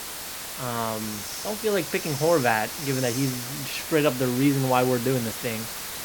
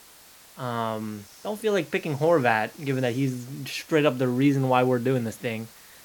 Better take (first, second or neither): second